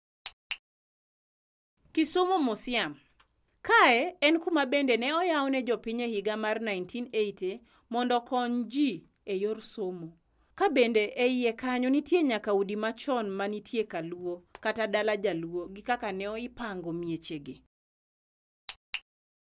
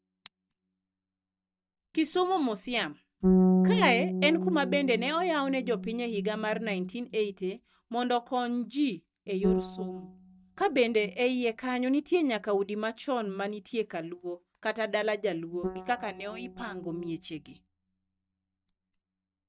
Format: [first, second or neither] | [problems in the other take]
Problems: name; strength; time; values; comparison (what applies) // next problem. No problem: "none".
first | noise reduction (neural mask model DeepFilterNet 3)